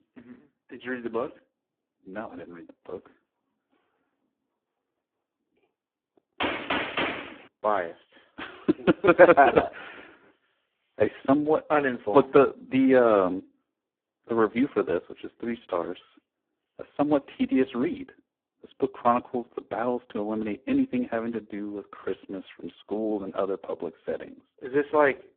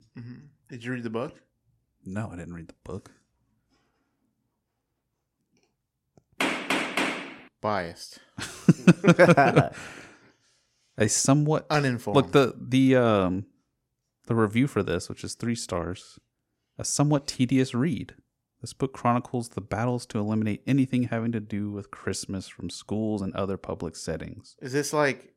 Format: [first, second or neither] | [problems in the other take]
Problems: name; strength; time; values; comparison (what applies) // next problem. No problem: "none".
second | phone-call audio; poor line